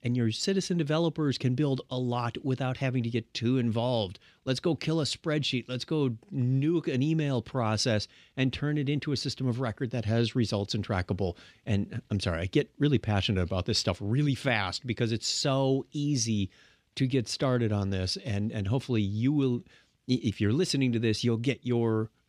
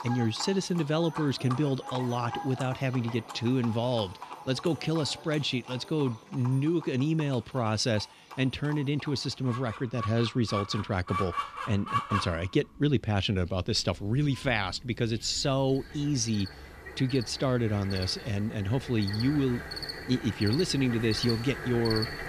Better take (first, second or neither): first